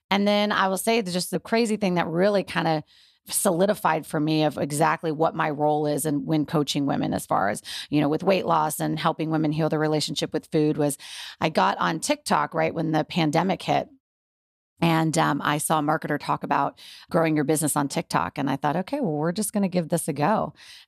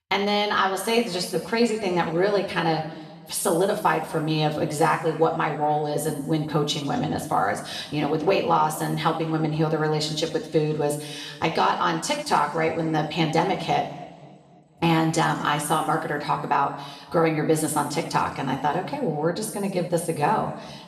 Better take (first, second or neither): first